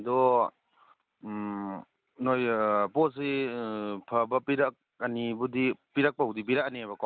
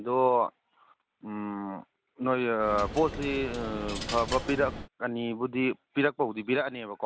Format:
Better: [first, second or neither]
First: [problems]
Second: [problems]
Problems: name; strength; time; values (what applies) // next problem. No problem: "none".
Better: first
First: none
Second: background sound (Coin (dropping)); 8 dB below the speech